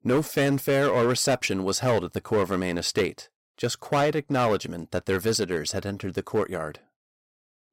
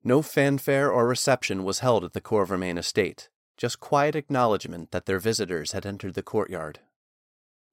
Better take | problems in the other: second | distortion; slight; 6% of the sound clipped

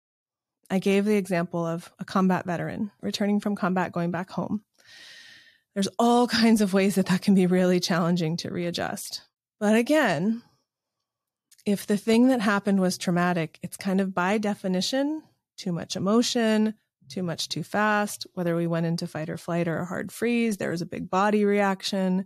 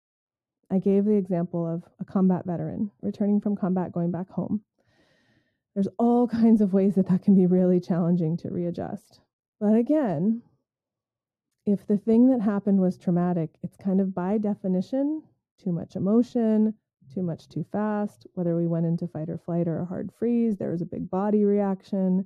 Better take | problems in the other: first | muffled; very; fading above 1 kHz

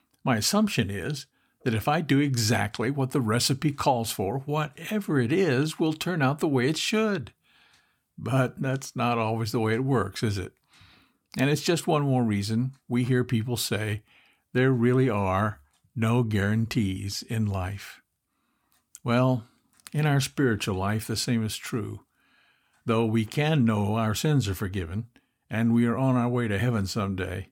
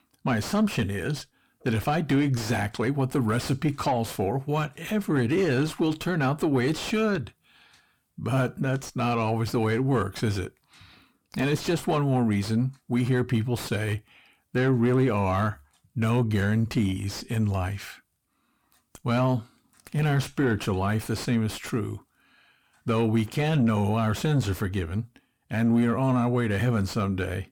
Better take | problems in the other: first | distortion; slight; 10 dB below the speech

